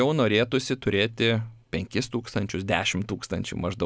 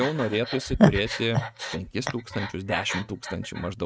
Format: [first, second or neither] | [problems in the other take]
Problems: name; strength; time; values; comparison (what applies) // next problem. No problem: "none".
first | noise reduction (neural mask model RNNoise)